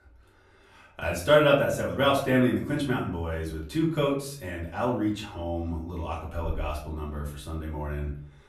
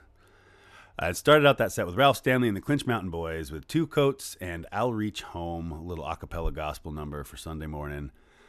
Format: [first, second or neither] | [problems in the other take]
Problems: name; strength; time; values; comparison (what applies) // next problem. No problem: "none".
second | off-mic speech; far // room echo; slight; dies away in 0.5 s